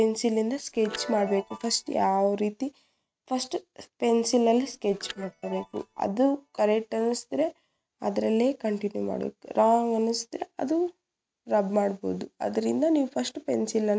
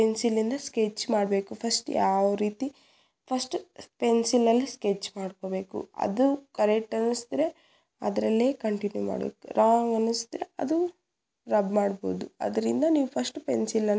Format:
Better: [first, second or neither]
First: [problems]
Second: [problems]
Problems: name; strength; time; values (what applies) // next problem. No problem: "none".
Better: second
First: noise reduction (neural mask model RNNoise)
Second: none